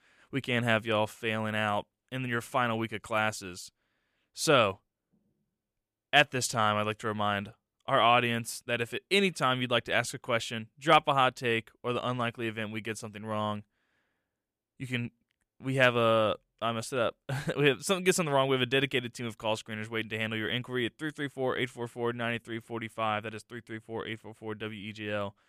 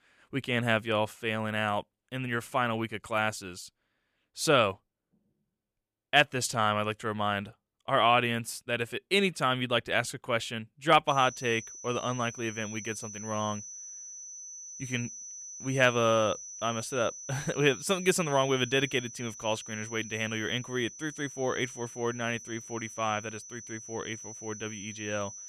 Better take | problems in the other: first | high-pitched whine; noticeable; from 11 s on; 6 kHz, 10 dB below the speech

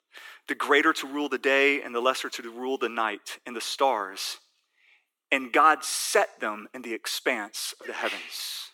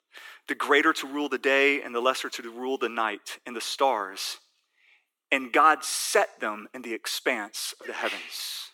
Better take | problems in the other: neither | thin; very; fading below 350 Hz; the same in both

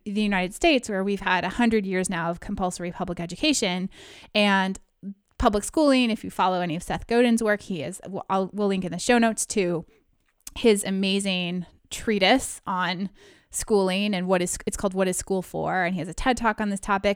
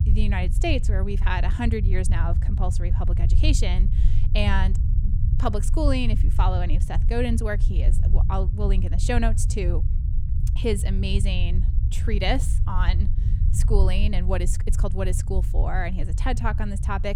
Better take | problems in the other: first | low rumble; noticeable; throughout; 10 dB below the speech

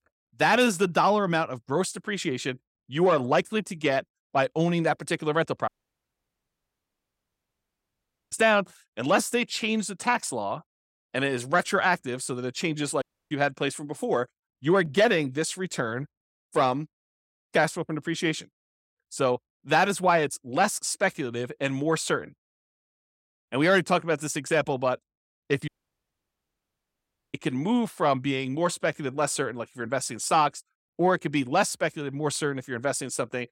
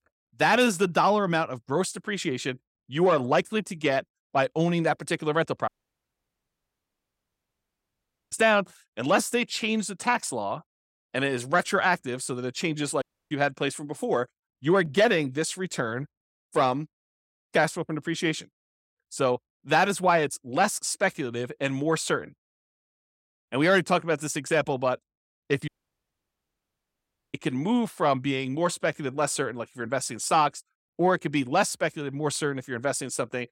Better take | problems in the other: neither | audio cutting out; at 5.5 s for 2.5 s, at 13 s and at 26 s for 1.5 s; the same in both

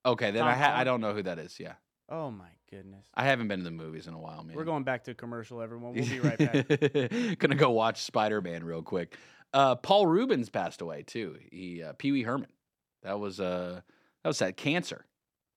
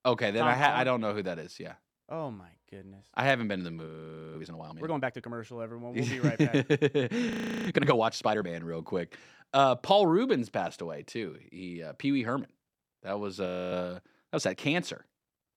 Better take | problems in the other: first | audio freezing; at 4 s, at 7.5 s and at 13 s

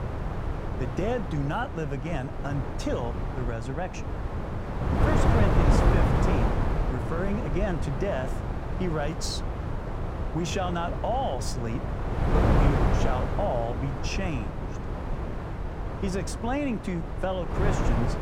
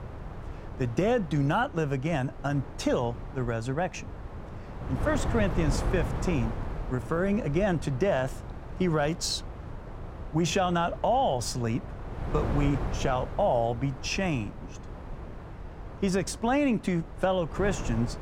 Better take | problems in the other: second | wind noise on the microphone; heavy; 1 dB below the speech; occasional gusts in the second

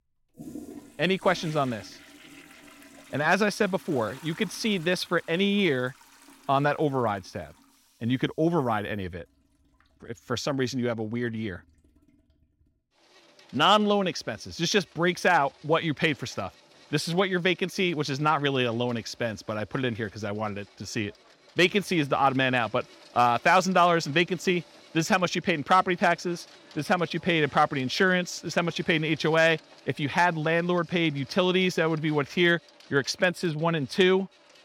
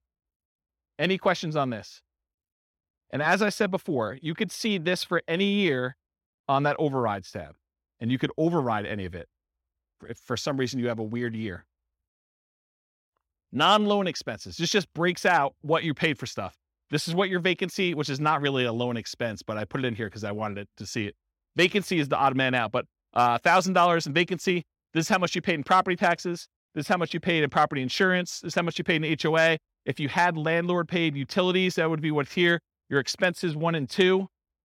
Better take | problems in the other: second | household noises; faint; throughout; 25 dB below the speech

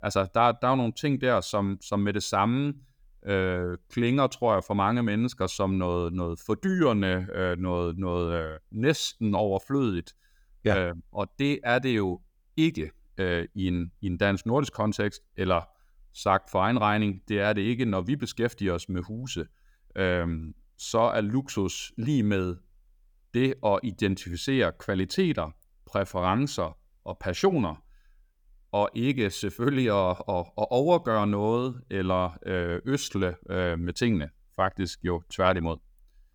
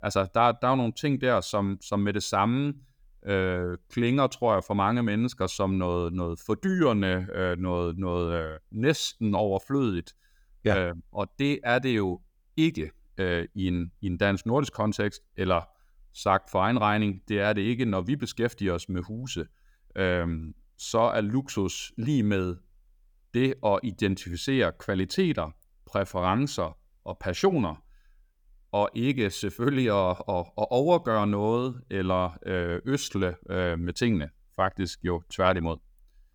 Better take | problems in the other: neither | none

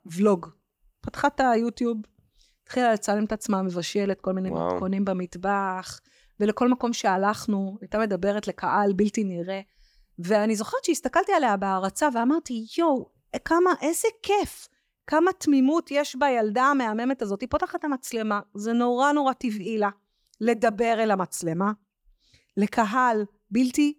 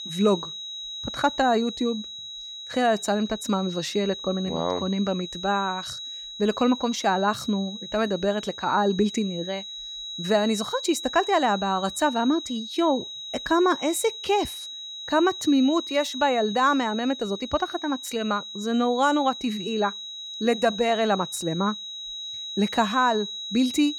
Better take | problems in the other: first | high-pitched whine; loud; throughout; 4 kHz, 9 dB below the speech

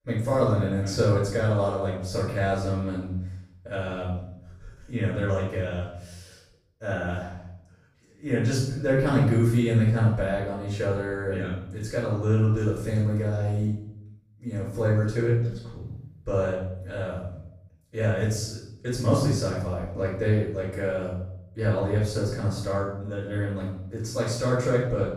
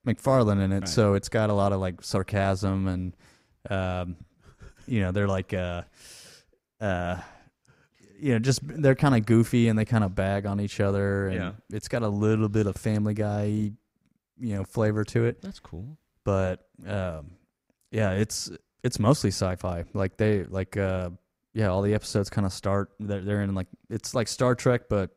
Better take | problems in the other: second | off-mic speech; far // room echo; noticeable; dies away in 0.6 s

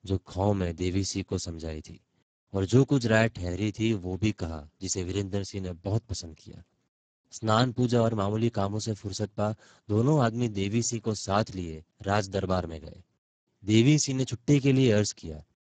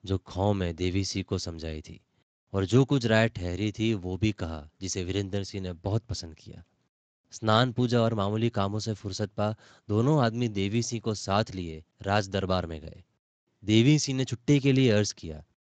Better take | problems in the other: second | garbled, watery; badly; nothing above 7.5 kHz; slightly in the second

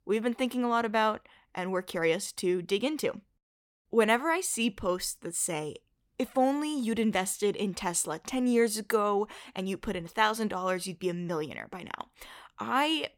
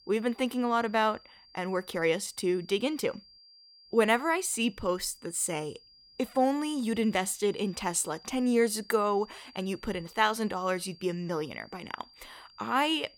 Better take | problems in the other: first | high-pitched whine; faint; throughout; 4.5 kHz, 25 dB below the speech

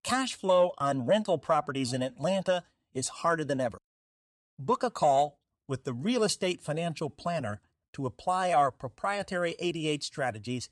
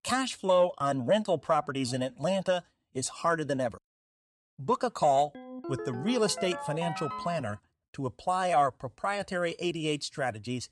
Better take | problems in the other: first | phone ringing; noticeable; from 5.5 to 7.5 s; peak 7 dB below the speech

